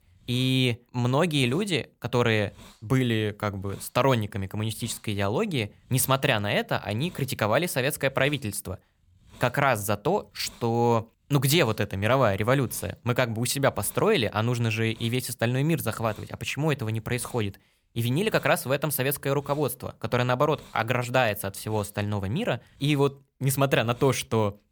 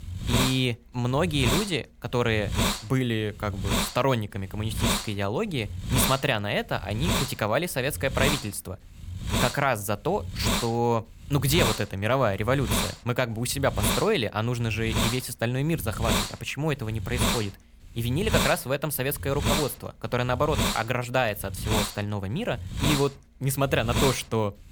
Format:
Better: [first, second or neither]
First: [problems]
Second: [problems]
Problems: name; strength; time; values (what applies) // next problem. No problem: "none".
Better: first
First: hiss; faint; throughout; 25 dB below the speech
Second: hiss; loud; throughout; 2 dB below the speech